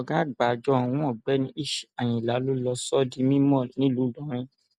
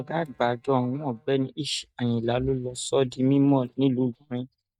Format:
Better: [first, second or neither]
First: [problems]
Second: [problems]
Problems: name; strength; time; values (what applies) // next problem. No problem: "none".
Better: first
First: none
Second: noise reduction (neural mask model DeepFilterNet 3)